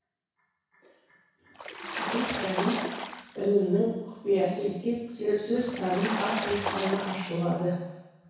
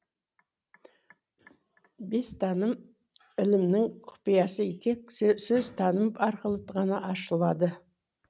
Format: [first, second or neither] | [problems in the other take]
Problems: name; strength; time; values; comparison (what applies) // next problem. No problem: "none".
second | background sound (Water / Splash, splatter); 5 dB below the speech // room echo; dies away in 1.1 s